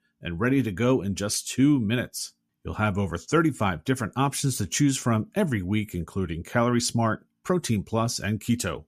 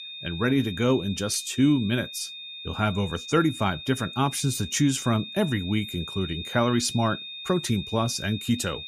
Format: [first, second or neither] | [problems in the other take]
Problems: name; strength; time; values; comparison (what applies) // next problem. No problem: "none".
first | high-pitched whine; noticeable; throughout; 3.5 kHz, 10 dB below the speech